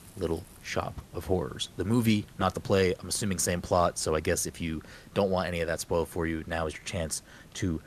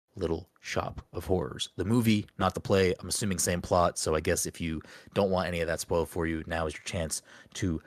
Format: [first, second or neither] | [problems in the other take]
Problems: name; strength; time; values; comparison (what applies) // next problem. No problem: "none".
second | hiss; faint; throughout; 25 dB below the speech